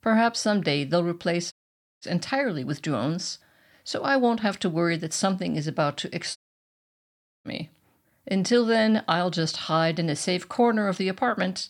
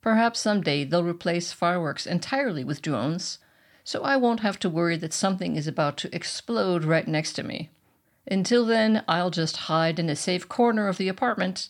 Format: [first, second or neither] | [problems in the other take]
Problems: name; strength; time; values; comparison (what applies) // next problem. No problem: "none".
second | audio cutting out; at 1.5 s and at 6.5 s for 1 s